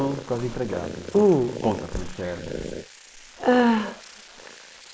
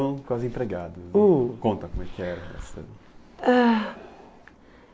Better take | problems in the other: second | noise reduction (neural mask model Resemble Enhance denoiser)

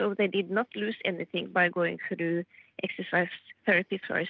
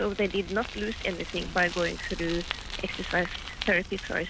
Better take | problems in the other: first | background sound (Bicycle); 8 dB below the speech

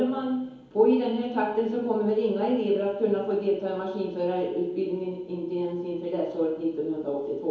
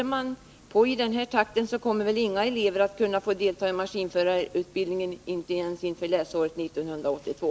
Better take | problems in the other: second | room echo; dies away in 2.2 s

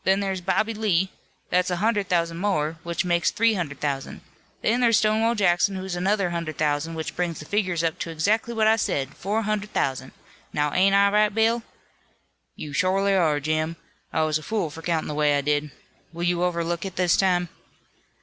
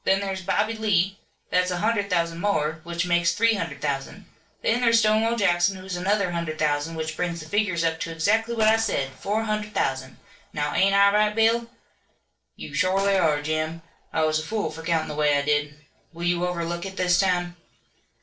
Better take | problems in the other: first | noise reduction (neural separator model SepFormer DNS4)

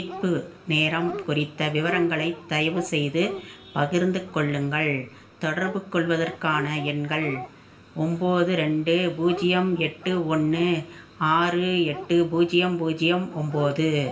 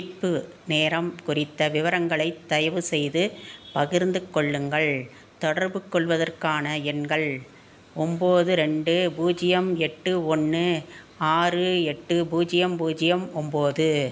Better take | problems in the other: second | background sound (Dog); 17 dB below the speech // room echo; dies away in 0.3 s

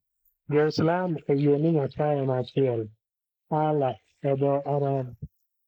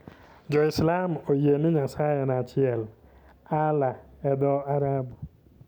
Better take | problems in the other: second | noise reduction (neural mask model Resemble Enhance denoiser)

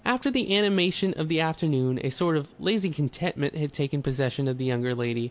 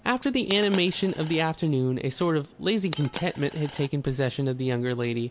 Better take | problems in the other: first | background sound (Coin (dropping)); 14 dB below the speech

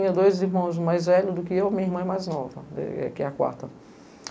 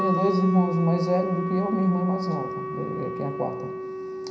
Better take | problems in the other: first | background sound (Wind instrument, woodwind instrument); 5 dB below the speech // room echo; dies away in 0.9 s

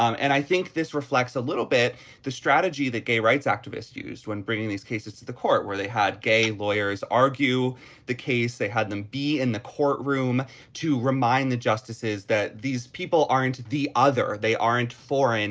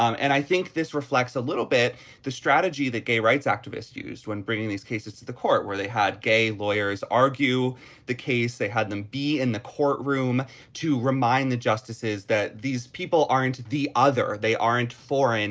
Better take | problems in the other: second | background sound (Tap / Glass); 17 dB below the speech

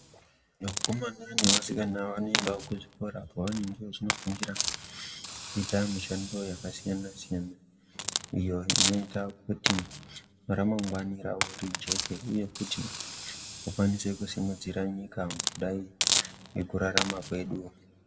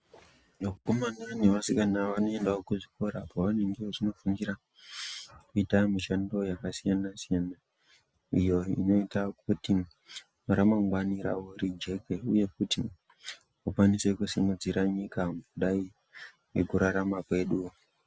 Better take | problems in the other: second | background sound (Hiss); 1 dB below the speech // room echo; dies away in 1.2 s

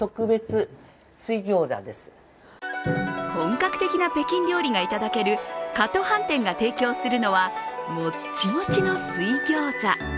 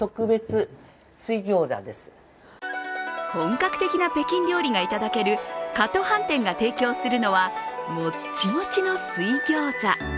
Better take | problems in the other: second | background sound (Drum); 13 dB below the speech

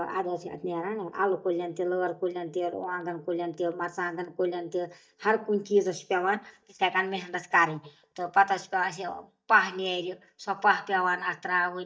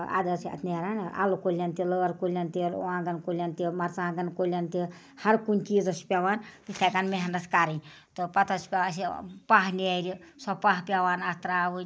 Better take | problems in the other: second | noise reduction (neural mask model DeepFilterNet 3)

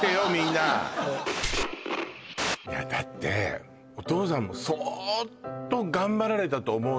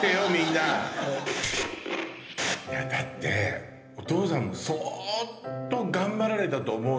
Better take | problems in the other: first | room echo; dies away in 0.8 s

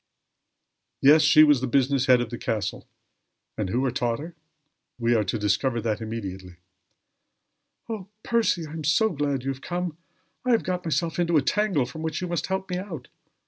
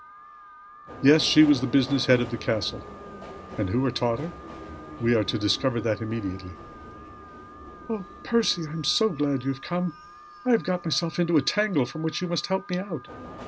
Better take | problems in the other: first | background sound (Alarm + Subway, metro, underground); 16 dB below the speech

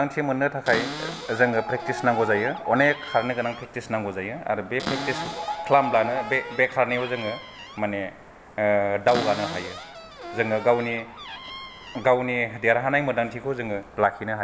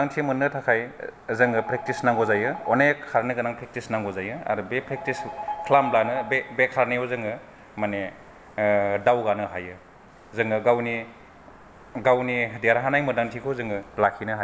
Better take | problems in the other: second | background sound (Cupboard open or close); 11 dB below the speech

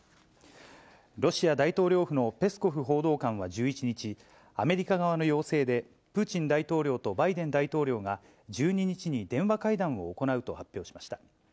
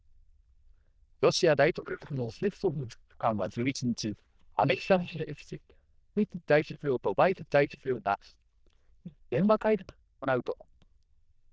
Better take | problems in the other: first | noise reduction (neural diffusion model UNIVERSE++)

